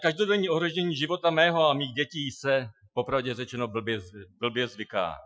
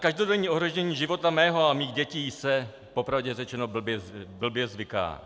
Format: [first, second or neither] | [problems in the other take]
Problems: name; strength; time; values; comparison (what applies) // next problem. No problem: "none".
second | noise reduction (classical method Wiener filter)